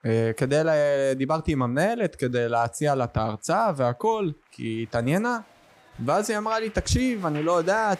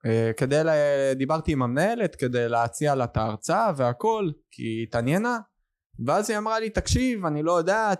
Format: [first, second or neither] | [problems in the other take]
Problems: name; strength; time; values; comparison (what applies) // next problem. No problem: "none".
second | crowd noise; faint; throughout; 20 dB below the speech